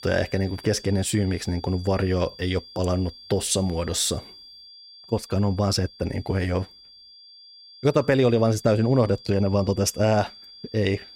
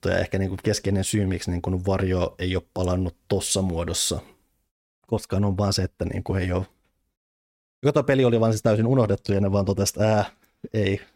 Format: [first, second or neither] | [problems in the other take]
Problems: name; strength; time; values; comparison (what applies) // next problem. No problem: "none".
second | high-pitched whine; noticeable; throughout; 4.5 kHz, 20 dB below the speech